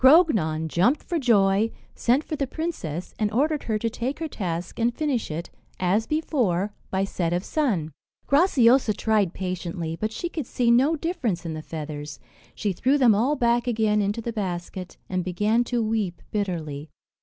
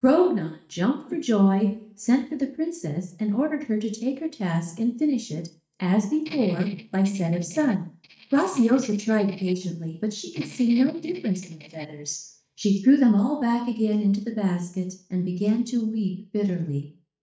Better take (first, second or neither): first